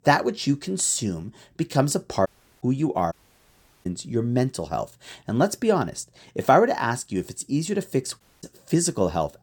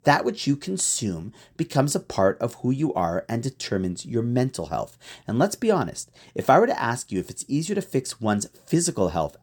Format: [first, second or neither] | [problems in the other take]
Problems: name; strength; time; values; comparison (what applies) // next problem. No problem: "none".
second | audio cutting out; at 2.5 s, at 3 s for 0.5 s and at 8 s